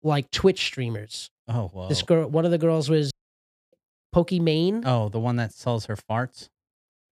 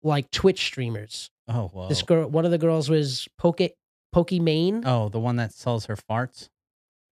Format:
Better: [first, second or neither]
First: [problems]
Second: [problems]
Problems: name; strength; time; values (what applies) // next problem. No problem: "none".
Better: second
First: audio cutting out; at 3 s for 0.5 s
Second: none